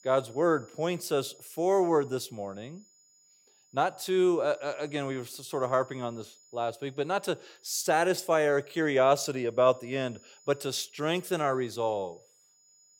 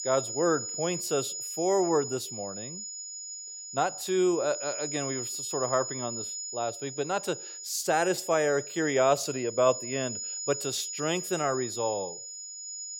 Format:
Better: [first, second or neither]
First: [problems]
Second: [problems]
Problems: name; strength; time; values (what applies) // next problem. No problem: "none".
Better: first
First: high-pitched whine; faint; throughout; 7 kHz, 30 dB below the speech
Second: high-pitched whine; loud; throughout; 7 kHz, 6 dB below the speech